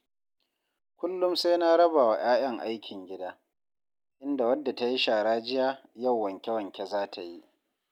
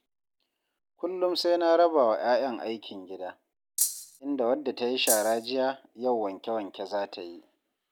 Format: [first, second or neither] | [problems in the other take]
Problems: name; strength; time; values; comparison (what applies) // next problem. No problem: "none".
first | background sound (Rattle (instrument)); 1 dB below the speech